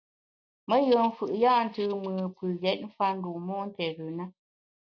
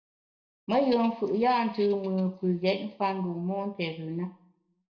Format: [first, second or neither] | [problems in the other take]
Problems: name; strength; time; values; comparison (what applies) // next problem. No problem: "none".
first | room echo; dies away in 0.5 s